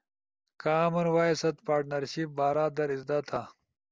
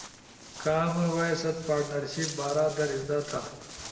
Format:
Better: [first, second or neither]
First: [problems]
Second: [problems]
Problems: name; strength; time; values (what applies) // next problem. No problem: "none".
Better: first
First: none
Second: background sound (Walk, footsteps); 13 dB below the speech // room echo; dies away in 1.7 s